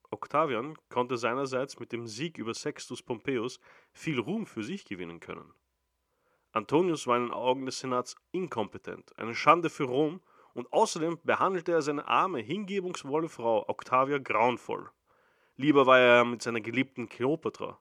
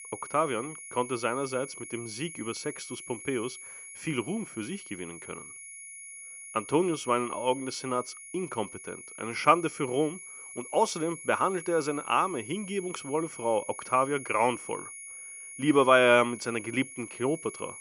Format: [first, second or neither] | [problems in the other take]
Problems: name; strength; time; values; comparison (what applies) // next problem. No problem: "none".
first | high-pitched whine; noticeable; throughout; 10.5 kHz, 15 dB below the speech